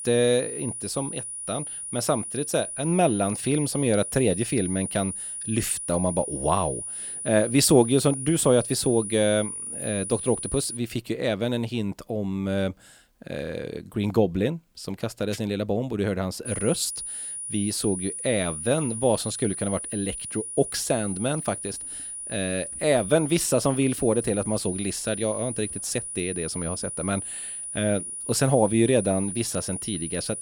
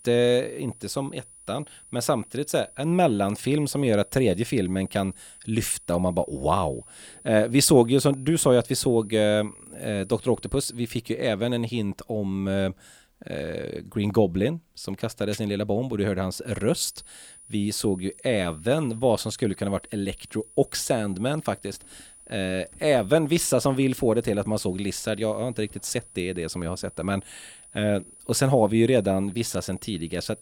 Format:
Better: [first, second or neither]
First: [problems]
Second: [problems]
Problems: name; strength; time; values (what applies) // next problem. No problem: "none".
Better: second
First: high-pitched whine; loud; until 11 s and from 16 s on; 9.5 kHz, 6 dB below the speech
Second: high-pitched whine; faint; until 11 s and from 16 s on; 9.5 kHz, 20 dB below the speech